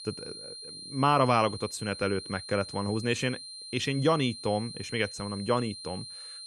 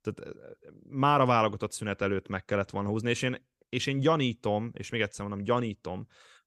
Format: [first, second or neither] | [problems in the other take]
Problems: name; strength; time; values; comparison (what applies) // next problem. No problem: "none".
second | high-pitched whine; noticeable; throughout; 4 kHz, 10 dB below the speech